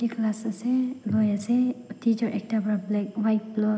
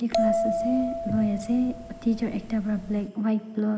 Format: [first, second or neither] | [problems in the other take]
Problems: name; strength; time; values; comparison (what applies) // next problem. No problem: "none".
first | background sound (Bell); 3 dB below the speech